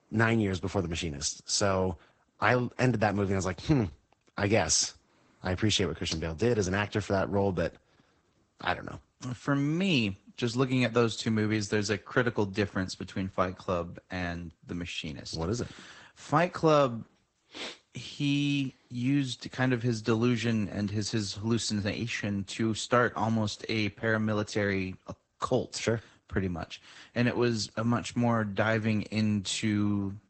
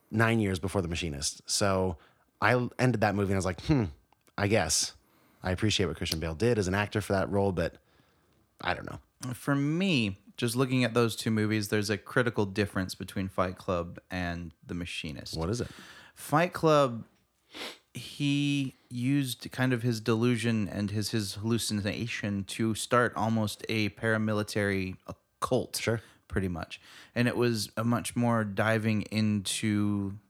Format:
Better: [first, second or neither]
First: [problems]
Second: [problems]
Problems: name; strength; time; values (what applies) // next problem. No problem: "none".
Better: second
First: garbled, watery; badly; nothing above 8 kHz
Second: none